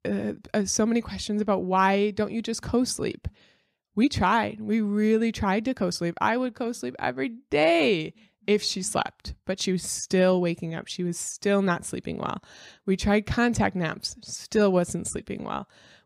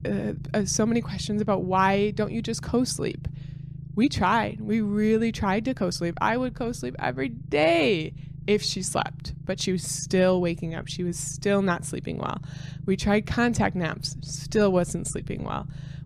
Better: first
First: none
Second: low rumble; faint; throughout; 25 dB below the speech

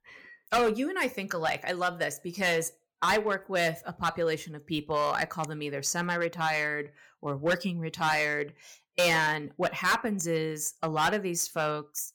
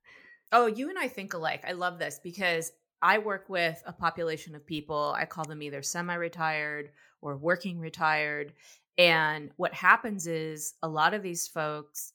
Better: second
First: distortion; heavy; 5% of the sound clipped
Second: none

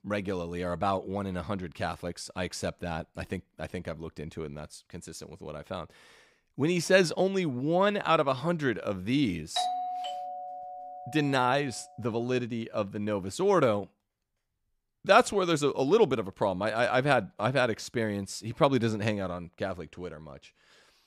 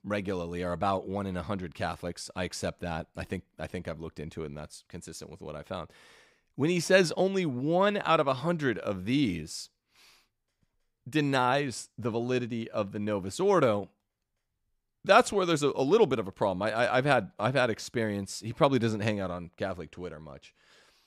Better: second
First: doorbell; noticeable; from 9.5 to 11 s; peak 2 dB below the speech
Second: none

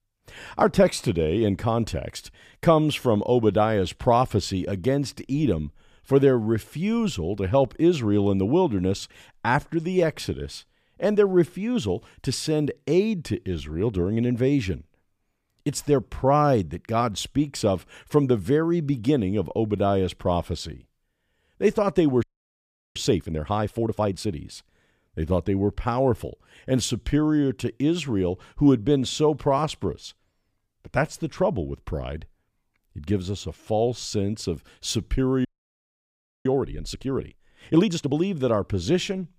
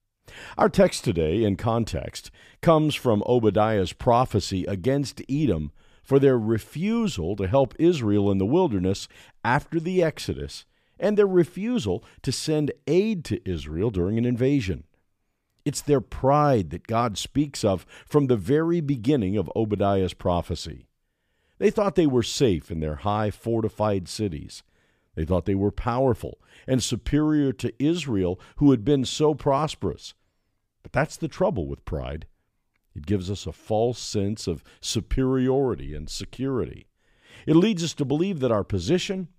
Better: second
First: audio freezing; at 22 s for 0.5 s and at 35 s for 1 s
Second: none

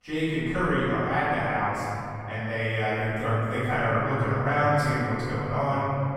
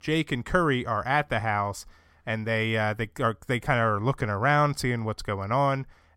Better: second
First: off-mic speech; far // room echo; strong; dies away in 2.8 s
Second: none

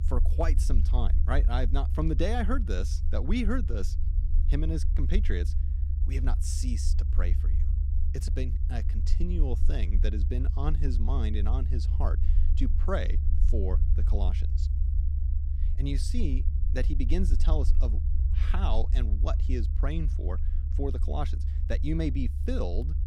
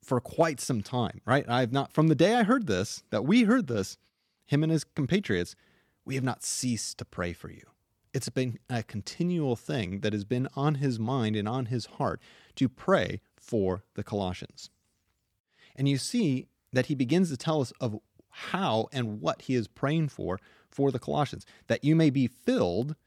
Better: second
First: low rumble; noticeable; throughout; 10 dB below the speech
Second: none

